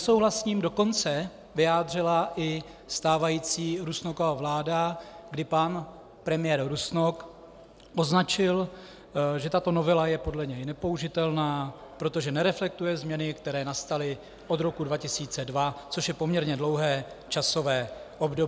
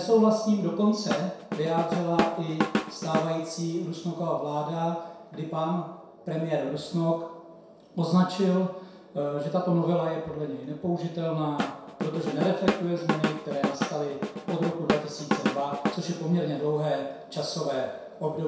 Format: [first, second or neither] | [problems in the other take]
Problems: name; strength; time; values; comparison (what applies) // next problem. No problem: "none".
first | background sound (Drum / Drum kit); 2 dB below the speech // room echo; dies away in 0.7 s